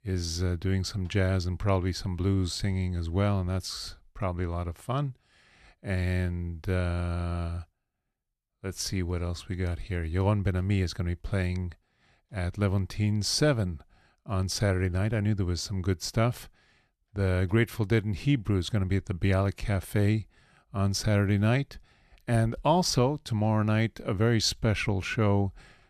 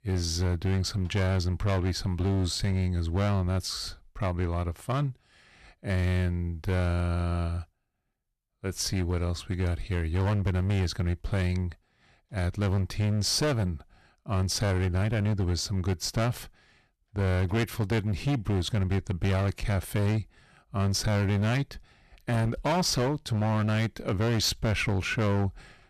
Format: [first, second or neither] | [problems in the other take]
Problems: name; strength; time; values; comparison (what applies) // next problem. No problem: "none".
first | distortion; slight; 15% of the sound clipped